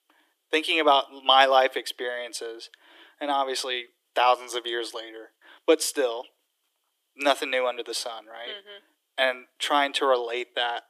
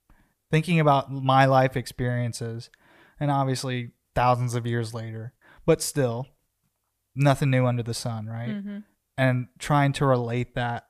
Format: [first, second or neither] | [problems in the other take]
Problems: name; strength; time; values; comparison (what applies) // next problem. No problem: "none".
second | thin; very; fading below 300 Hz